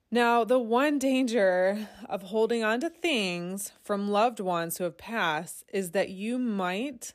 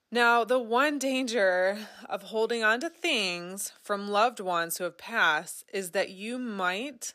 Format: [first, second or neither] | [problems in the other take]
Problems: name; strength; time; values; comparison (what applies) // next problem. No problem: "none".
first | thin; very slightly; fading below 400 Hz